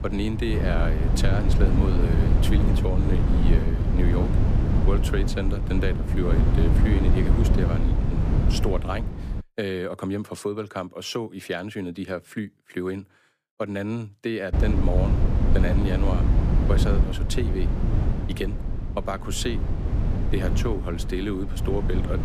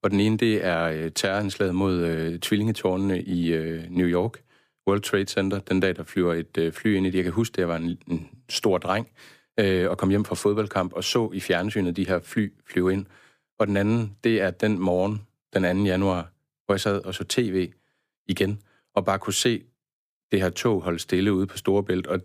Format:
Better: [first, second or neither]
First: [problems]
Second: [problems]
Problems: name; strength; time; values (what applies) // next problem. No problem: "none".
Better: second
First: low rumble; loud; until 9.5 s and from 15 s on; 3 dB below the speech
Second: none